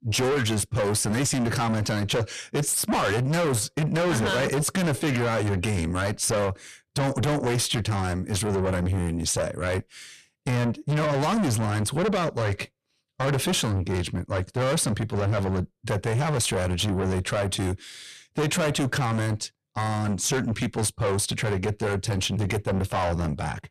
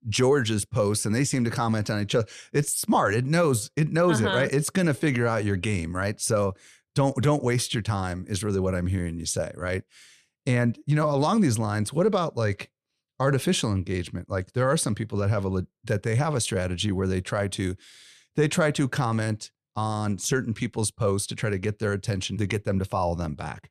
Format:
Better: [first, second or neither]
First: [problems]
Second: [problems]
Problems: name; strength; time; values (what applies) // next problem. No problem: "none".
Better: second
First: distortion; heavy; 6 dB below the speech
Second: none